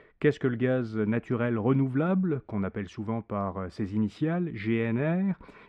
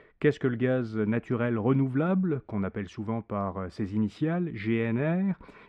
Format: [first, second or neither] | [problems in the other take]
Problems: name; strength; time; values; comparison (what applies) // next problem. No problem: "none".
neither | muffled; very; fading above 2 kHz; the same in both